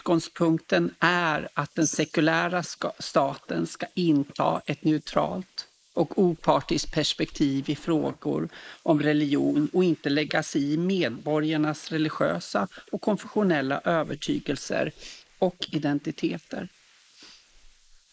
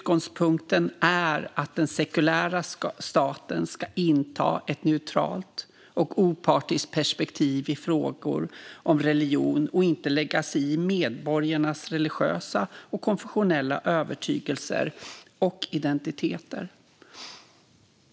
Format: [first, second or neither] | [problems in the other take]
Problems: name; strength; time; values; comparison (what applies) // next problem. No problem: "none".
second | noise reduction (neural mask model Resemble Enhance denoiser)